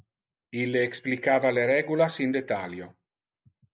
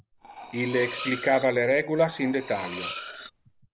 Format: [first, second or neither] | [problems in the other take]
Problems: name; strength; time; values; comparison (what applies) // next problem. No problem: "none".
first | background sound (Cutlery, silverware); 13 dB below the speech